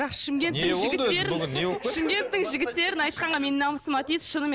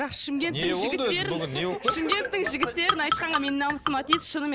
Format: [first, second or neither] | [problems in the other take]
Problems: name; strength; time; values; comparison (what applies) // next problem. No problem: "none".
first | background sound (Marimba, xylophone); 2 dB below the speech